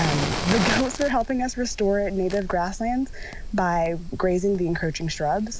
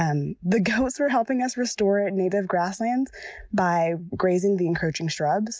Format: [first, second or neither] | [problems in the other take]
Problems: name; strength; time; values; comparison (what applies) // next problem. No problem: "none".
second | background sound (Fire); 7 dB below the speech